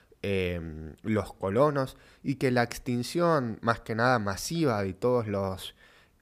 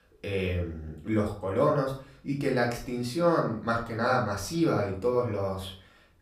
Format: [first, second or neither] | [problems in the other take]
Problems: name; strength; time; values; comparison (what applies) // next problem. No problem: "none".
first | off-mic speech; far // room echo; slight; dies away in 0.4 s